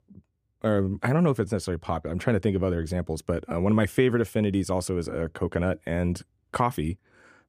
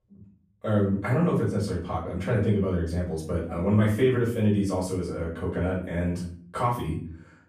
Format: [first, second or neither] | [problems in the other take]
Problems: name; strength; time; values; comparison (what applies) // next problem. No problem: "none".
first | off-mic speech; far // room echo; noticeable; dies away in 0.5 s